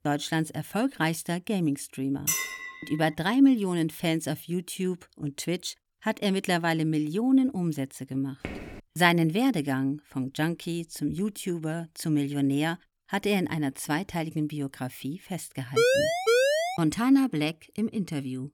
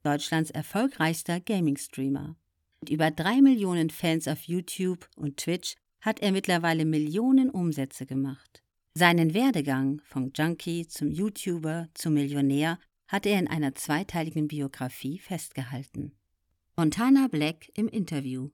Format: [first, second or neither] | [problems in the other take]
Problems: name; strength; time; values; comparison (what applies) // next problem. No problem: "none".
second | clattering dishes; loud; at 2.5 s; peak 1 dB above the speech // footsteps; faint; at 8.5 s; peak 10 dB below the speech // siren; loud; from 16 to 17 s; peak 6 dB above the speech